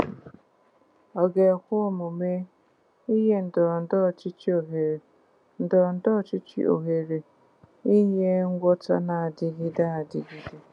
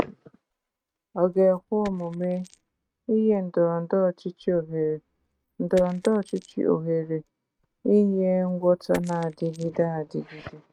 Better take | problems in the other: first | noise reduction (neural mask model RNNoise)

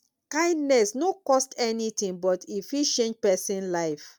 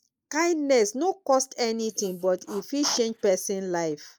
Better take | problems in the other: first | noise reduction (neural mask model Resemble Enhance denoiser)

